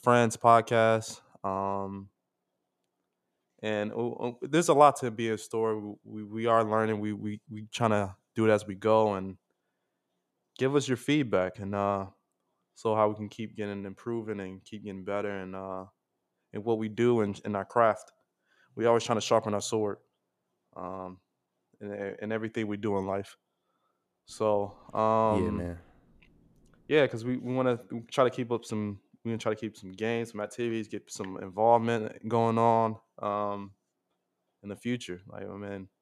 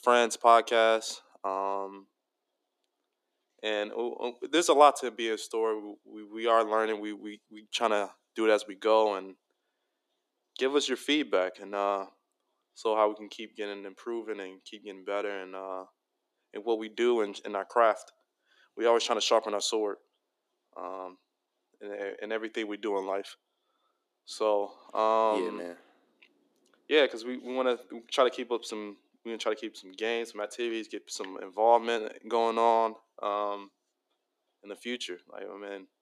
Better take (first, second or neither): first